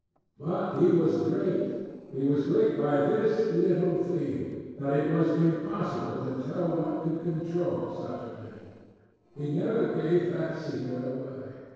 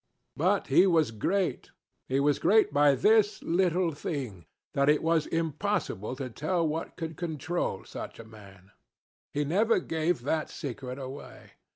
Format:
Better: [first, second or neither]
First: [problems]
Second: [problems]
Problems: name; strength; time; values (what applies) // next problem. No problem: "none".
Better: second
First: noise reduction (neural separator model SepFormer DNS4)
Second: none